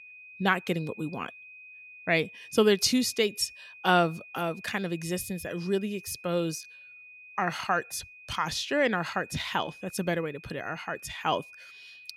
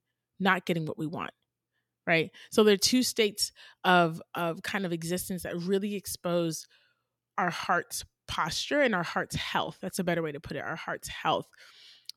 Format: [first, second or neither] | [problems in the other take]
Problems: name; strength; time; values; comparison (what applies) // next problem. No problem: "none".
second | high-pitched whine; noticeable; throughout; 2.5 kHz, 20 dB below the speech